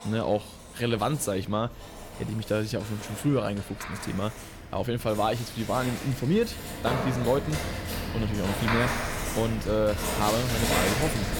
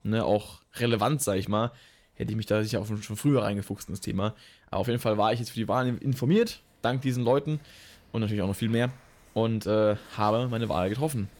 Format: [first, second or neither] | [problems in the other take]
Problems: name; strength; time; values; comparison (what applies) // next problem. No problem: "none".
second | household noises; loud; throughout; 3 dB below the speech; faint in the second